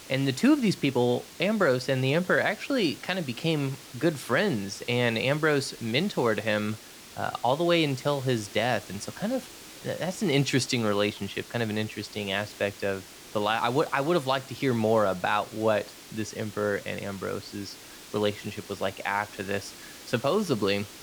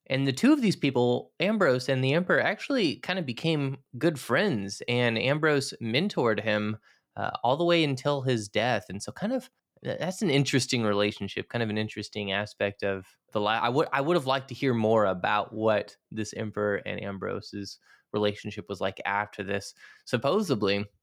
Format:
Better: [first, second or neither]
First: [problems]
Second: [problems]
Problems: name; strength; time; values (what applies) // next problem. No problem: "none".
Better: second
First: hiss; noticeable; throughout; 15 dB below the speech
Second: none